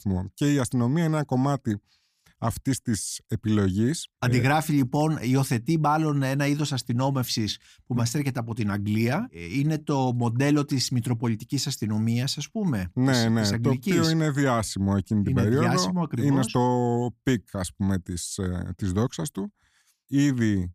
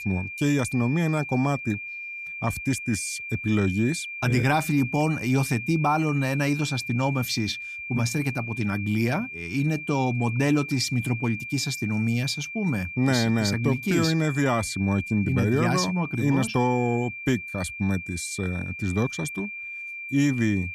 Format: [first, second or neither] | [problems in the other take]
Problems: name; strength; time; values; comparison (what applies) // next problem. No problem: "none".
first | high-pitched whine; loud; throughout; 2.5 kHz, 8 dB below the speech